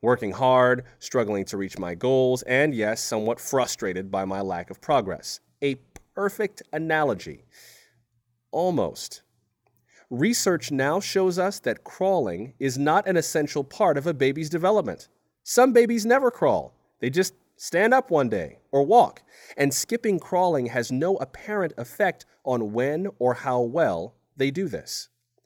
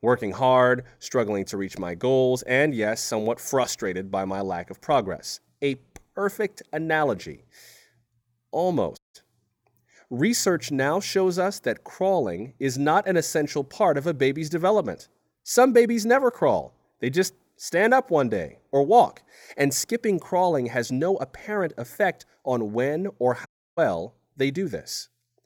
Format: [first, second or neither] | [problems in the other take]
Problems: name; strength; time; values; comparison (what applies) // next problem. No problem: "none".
first | audio cutting out; at 9 s and at 23 s